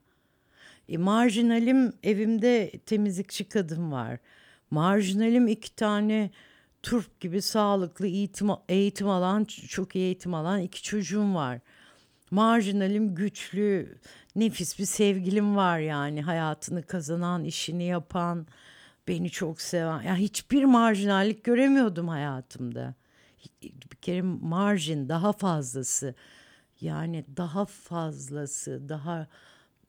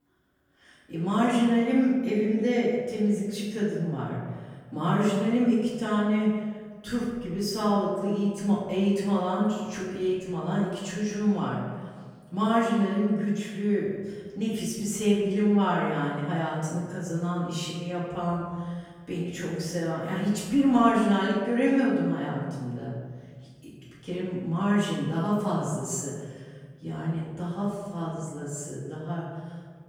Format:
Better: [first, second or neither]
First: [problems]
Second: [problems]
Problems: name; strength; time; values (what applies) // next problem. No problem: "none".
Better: first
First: none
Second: off-mic speech; far // room echo; noticeable; dies away in 1.6 s